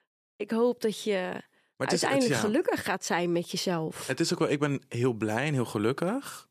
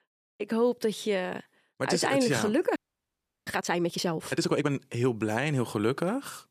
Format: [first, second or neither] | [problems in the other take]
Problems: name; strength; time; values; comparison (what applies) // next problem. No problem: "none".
first | audio freezing; at 3 s for 0.5 s